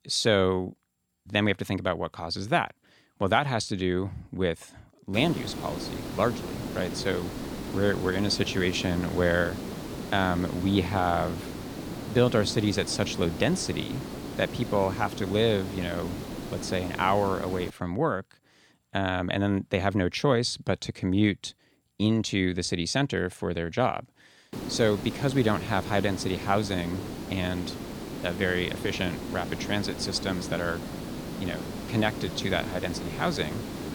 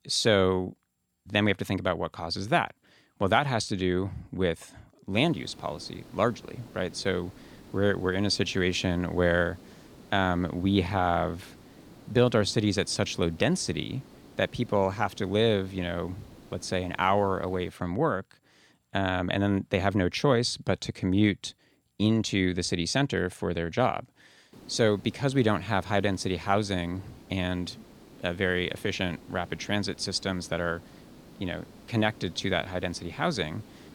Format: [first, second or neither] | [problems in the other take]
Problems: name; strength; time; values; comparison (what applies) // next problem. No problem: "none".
second | hiss; loud; from 5 to 18 s and from 25 s on; 9 dB below the speech; faint in the second